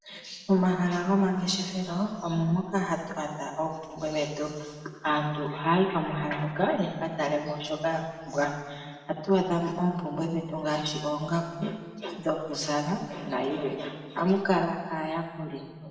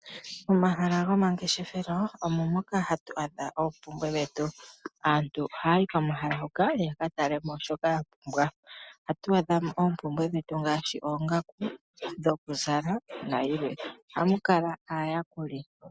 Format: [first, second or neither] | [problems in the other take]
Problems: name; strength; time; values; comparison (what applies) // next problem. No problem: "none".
second | room echo; dies away in 1.5 s